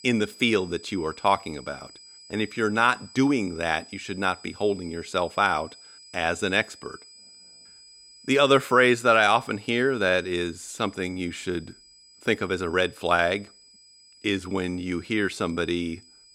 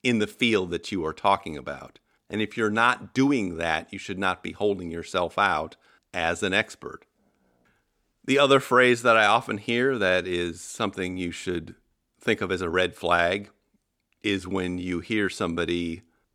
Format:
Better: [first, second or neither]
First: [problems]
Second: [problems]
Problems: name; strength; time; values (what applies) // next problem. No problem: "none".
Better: second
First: high-pitched whine; faint; throughout; 5 kHz, 25 dB below the speech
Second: none